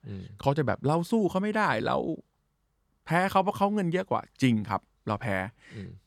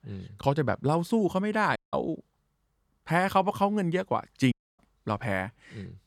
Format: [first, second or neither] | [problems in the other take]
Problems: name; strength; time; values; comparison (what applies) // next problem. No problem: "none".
first | audio cutting out; at 2 s and at 4.5 s